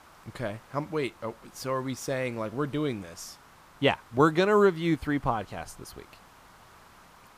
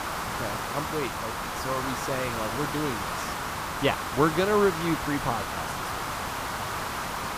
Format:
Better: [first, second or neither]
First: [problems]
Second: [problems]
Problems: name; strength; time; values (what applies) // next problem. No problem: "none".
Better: first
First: hiss; faint; throughout; 25 dB below the speech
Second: hiss; loud; throughout; 2 dB below the speech